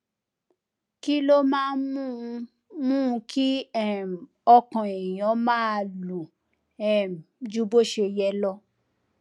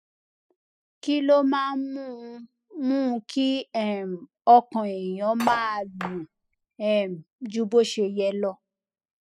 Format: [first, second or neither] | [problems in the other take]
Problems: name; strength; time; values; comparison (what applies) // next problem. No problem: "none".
first | noise reduction (classical method spectral subtraction)